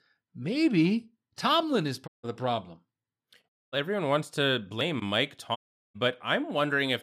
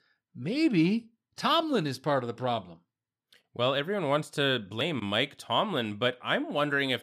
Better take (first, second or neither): second